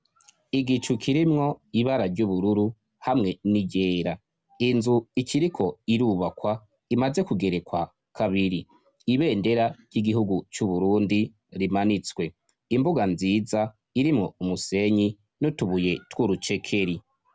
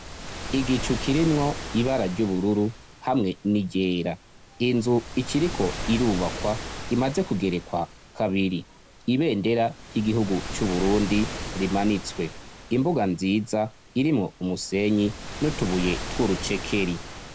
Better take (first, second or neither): first